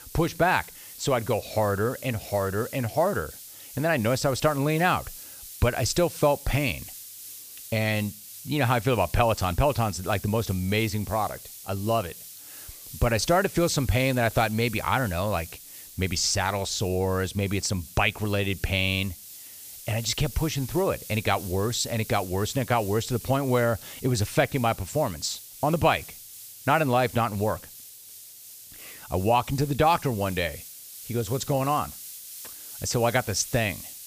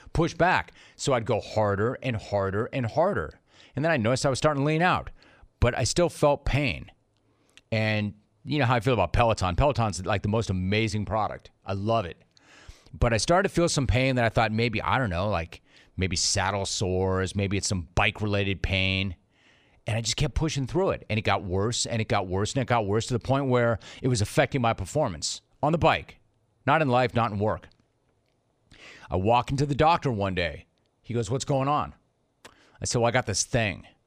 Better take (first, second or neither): second